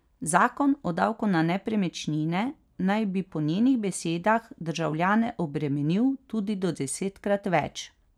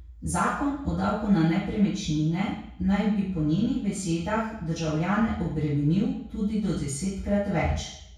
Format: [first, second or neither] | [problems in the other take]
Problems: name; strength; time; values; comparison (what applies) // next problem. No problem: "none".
first | room echo; dies away in 0.6 s